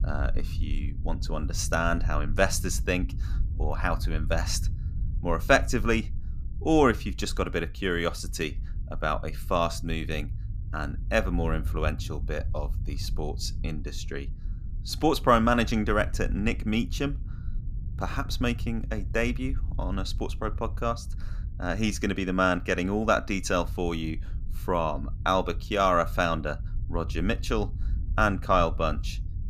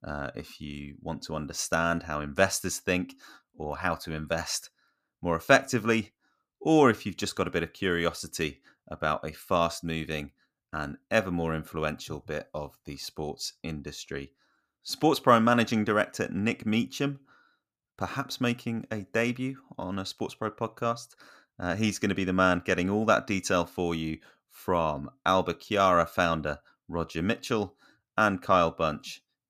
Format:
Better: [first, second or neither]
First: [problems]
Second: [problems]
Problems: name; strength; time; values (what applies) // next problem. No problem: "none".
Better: second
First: low rumble; faint; throughout; 25 dB below the speech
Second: none